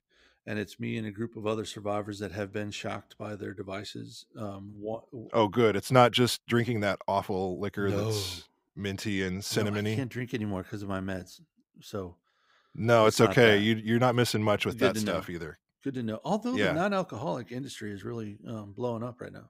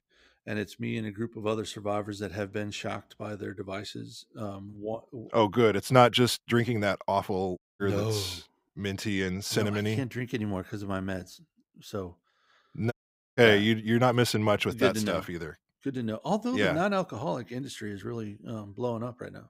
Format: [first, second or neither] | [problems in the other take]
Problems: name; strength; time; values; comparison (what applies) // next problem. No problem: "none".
first | audio cutting out; at 7.5 s and at 13 s